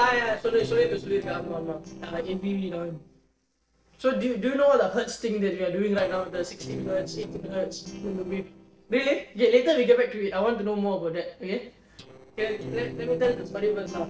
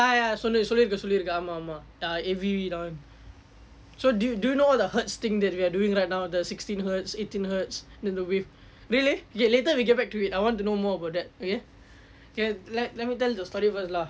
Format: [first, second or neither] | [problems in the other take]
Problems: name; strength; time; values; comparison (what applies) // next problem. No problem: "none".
second | noise reduction (neural separator model SepFormer DNS4)